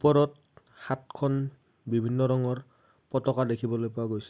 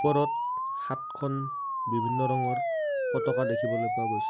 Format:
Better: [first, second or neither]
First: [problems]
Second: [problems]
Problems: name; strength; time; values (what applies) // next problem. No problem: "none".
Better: first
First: none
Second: background sound (Siren); 2 dB above the speech